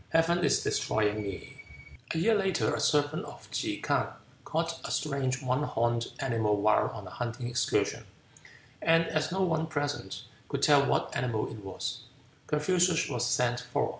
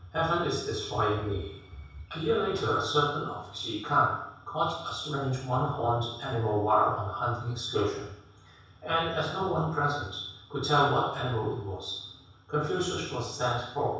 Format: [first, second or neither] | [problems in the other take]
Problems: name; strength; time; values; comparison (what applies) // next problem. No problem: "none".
first | room echo; dies away in 0.7 s